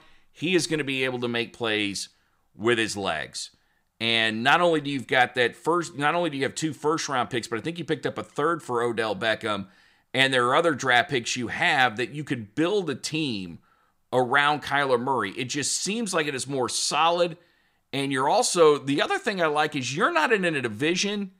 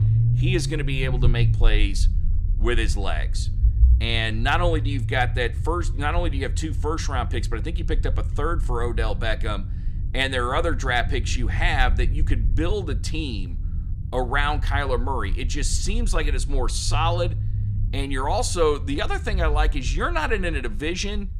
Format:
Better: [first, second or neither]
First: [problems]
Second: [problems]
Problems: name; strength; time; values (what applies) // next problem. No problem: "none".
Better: first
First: none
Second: low rumble; noticeable; throughout; 15 dB below the speech